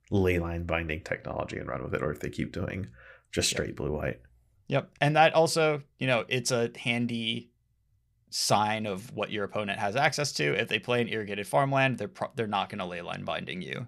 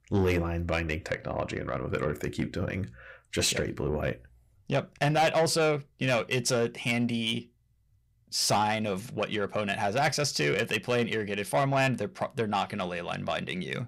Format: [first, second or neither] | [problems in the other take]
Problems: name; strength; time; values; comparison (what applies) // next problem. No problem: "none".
first | distortion; slight; 10 dB below the speech